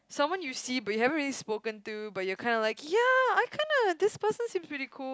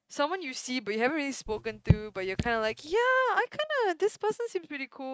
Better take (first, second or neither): first